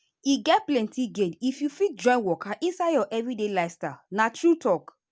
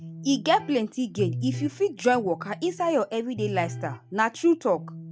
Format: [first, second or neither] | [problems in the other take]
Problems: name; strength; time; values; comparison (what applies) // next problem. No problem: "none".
first | background sound (Electric guitar); 12 dB below the speech